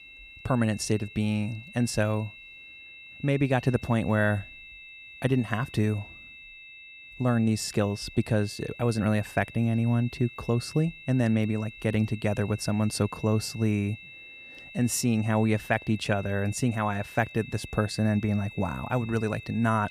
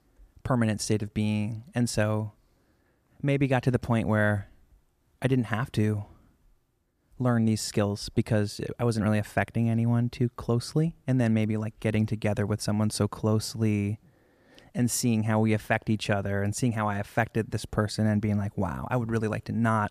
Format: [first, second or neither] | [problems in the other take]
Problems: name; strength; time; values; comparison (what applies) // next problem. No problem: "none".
second | high-pitched whine; noticeable; throughout; 2.5 kHz, 15 dB below the speech